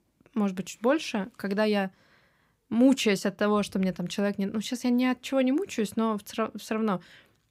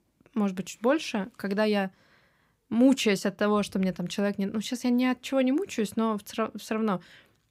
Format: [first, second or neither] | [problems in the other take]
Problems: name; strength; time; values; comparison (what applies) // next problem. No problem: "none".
neither | none